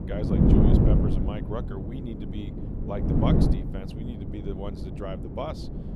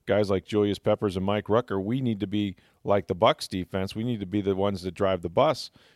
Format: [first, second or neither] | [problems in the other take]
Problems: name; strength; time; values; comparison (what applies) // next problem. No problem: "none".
second | wind noise on the microphone; heavy; 4 dB above the speech